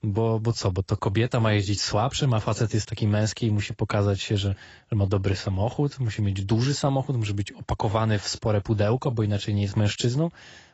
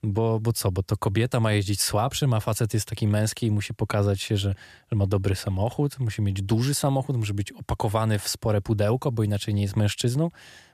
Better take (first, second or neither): second